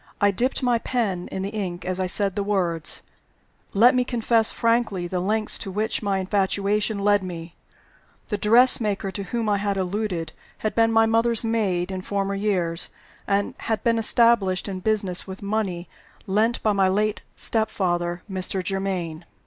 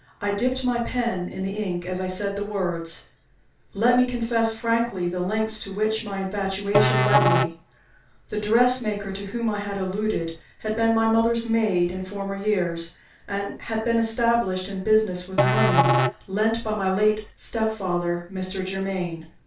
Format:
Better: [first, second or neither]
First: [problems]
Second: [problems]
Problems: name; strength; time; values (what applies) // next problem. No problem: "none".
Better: first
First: none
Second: background sound (Musical instrument); as loud as the speech // room echo; dies away in 0.3 s